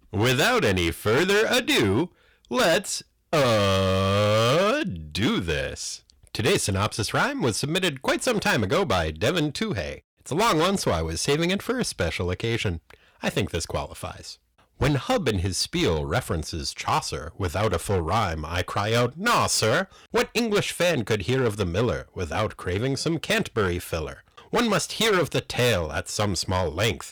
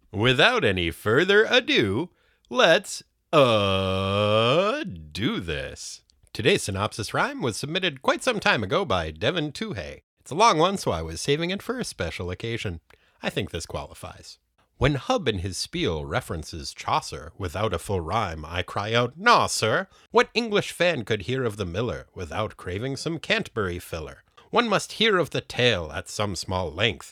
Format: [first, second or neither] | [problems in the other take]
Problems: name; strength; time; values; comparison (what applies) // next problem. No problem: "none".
second | distortion; heavy; 12% of the sound clipped